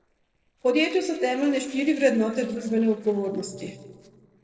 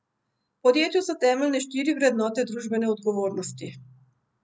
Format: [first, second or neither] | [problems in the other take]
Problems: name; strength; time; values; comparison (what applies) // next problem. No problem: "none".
second | noise reduction (neural separator model SepFormer DNS4)